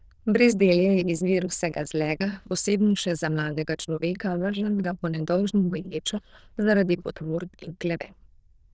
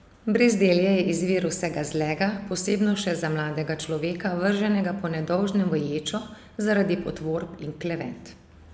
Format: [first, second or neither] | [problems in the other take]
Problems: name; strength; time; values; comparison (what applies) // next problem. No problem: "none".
second | noise reduction (neural diffusion model UNIVERSE++)